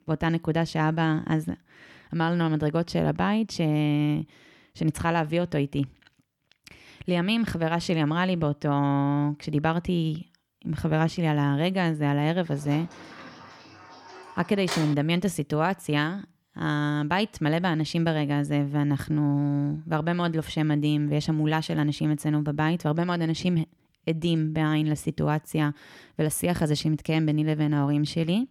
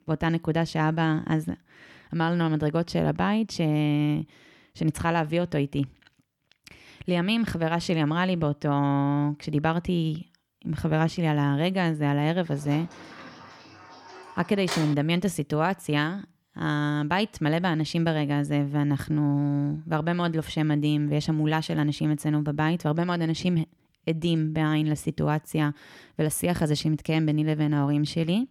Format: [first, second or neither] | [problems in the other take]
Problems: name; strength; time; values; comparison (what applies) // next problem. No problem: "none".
neither | door banging; noticeable; from 13 to 15 s; peak 7 dB below the speech; the same in both